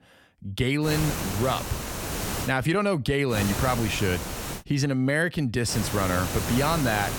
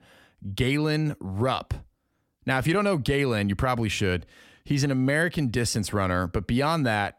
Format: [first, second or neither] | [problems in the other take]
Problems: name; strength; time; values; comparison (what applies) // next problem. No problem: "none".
second | hiss; loud; from 1 to 2.5 s, from 3.5 to 4.5 s and from 5.5 s on; 5 dB below the speech